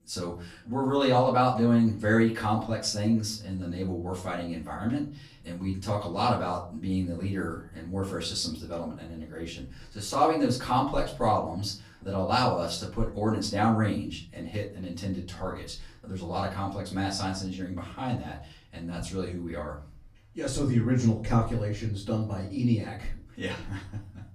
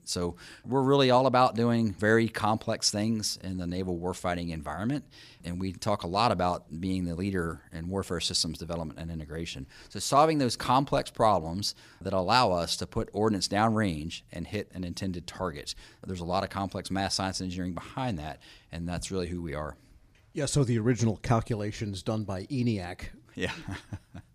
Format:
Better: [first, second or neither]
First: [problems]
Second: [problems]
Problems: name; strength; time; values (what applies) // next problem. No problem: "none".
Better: second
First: off-mic speech; far // room echo; slight; dies away in 0.4 s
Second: none